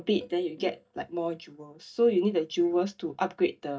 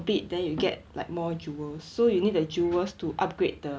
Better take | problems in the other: second | noise reduction (neural mask model DeepFilterNet 3)

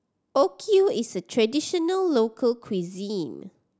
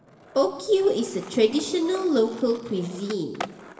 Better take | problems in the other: first | background sound (Skateboard); 17 dB below the speech // room echo; dies away in 1.2 s

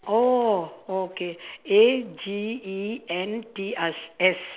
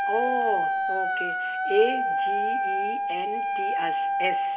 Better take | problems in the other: first | background sound (Wind instrument, woodwind instrument); 4 dB above the speech // room echo; dies away in 2.1 s

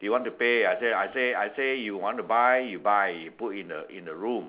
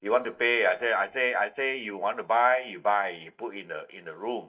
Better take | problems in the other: first | noise reduction (neural mask model DeepFilterNet 3)

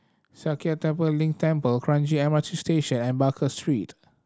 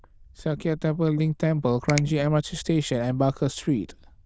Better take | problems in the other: first | noise reduction (neural diffusion model UNIVERSE++)

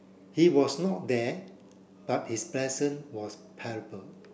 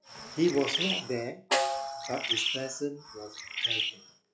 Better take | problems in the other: first | noise reduction (classical method log-MMSE)

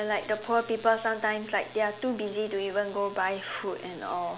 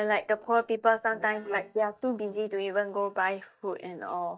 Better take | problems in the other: first | noise reduction (neural mask model DeepFilterNet 3)

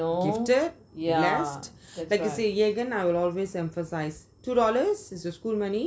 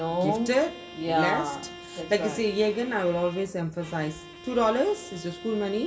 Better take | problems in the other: first | background sound (Bowed string instrument); 16 dB below the speech // room echo; dies away in 0.3 s

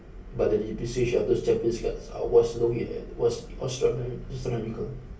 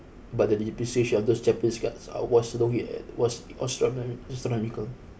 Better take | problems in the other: second | room echo; dies away in 0.4 s

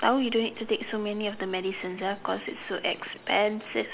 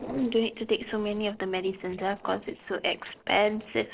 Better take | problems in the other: first | noise reduction (neural separator model SepFormer DNS4)

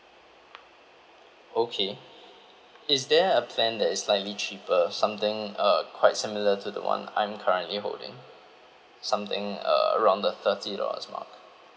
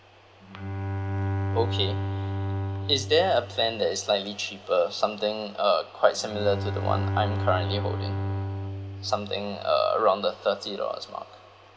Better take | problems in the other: first | background sound (Bowed string instrument); 4 dB below the speech

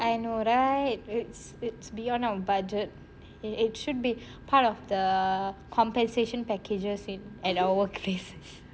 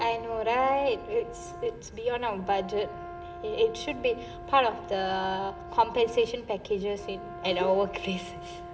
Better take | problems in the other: first | background sound (Brass instrument); 14 dB below the speech // room echo; dies away in 1.7 s

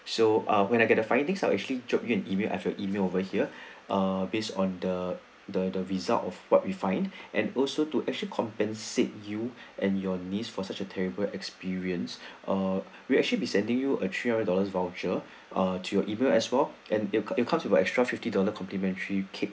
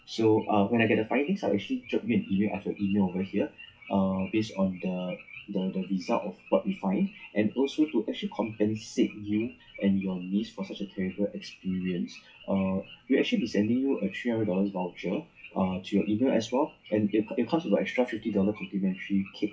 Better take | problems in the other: first | noise reduction (classical method WPE with log-MMSE)

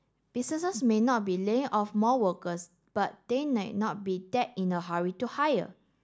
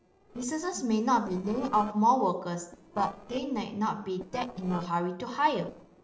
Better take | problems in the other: first | noise reduction (neural separator model SepFormer DNS4)

